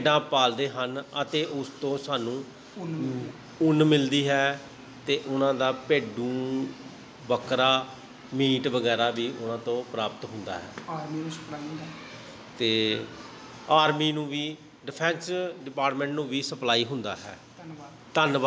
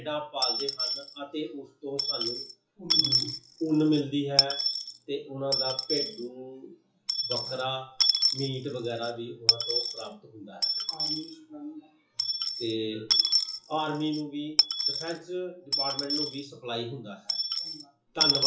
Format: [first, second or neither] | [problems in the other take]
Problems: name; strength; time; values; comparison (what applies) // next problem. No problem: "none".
first | noise reduction (classical method WPE with log-MMSE)